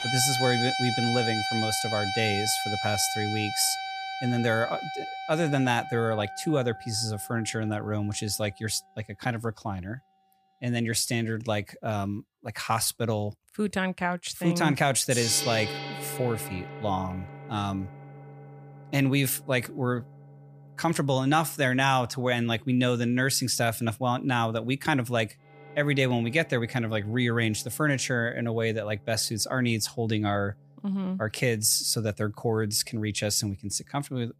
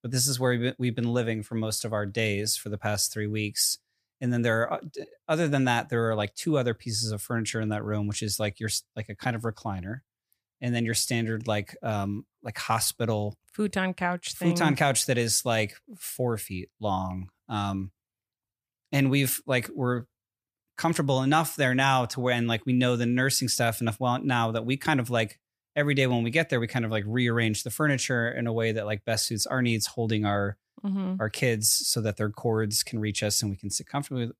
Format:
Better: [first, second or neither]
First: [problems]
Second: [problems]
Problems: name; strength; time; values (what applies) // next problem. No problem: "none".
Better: second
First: background music; loud; throughout; 5 dB below the speech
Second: none